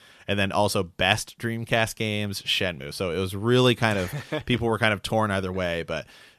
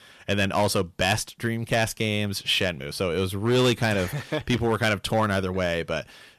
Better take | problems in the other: first | distortion; slight; 5% of the sound clipped

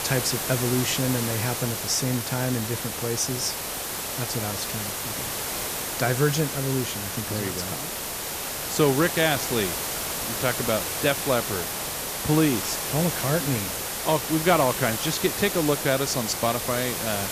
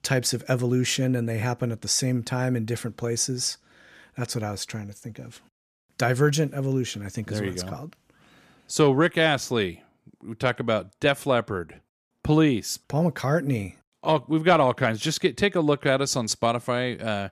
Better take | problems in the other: second | hiss; loud; throughout; 2 dB below the speech

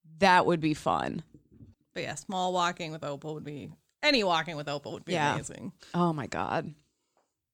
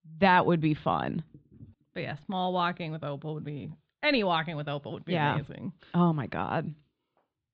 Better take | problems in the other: first | muffled; very slightly; fading above 3.5 kHz

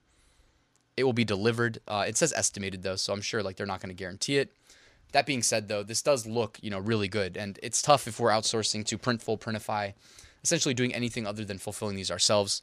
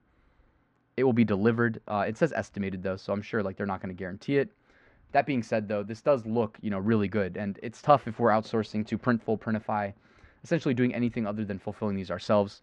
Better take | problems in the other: first | muffled; very; fading above 1.5 kHz

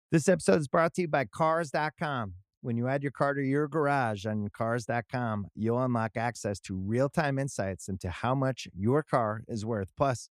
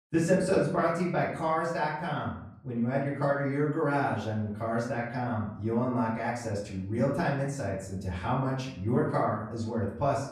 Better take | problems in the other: first | off-mic speech; far // room echo; noticeable; dies away in 0.6 s

